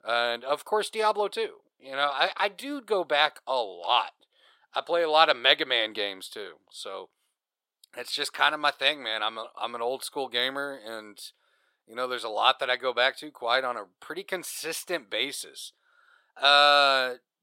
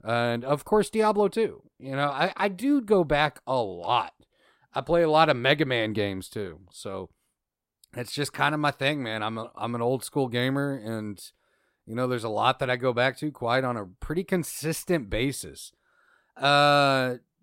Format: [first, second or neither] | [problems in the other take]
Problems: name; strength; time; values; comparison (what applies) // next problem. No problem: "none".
second | thin; very; fading below 600 Hz